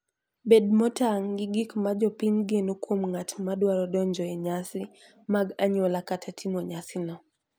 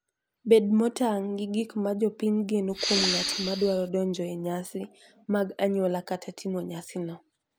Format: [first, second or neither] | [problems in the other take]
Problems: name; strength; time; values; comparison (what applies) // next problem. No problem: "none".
first | background sound (Respiratory sounds); 2 dB below the speech